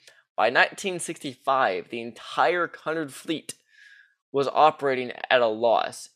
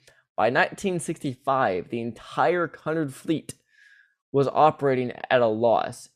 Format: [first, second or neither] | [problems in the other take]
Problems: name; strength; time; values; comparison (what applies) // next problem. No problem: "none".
second | thin; very slightly; fading below 1 kHz